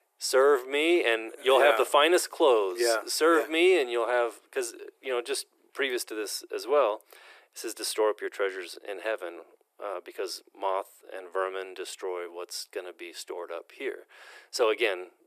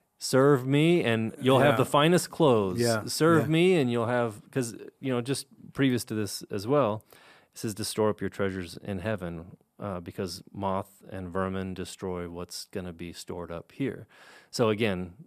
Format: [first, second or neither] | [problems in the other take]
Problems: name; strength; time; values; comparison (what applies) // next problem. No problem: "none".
second | thin; very; fading below 350 Hz